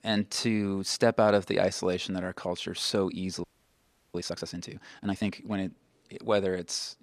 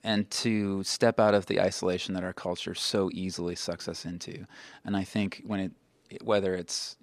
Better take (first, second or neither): second